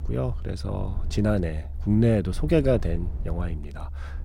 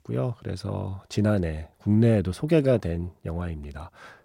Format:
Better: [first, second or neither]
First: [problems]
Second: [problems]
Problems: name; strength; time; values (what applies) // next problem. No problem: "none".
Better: second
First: low rumble; faint; throughout; 20 dB below the speech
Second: none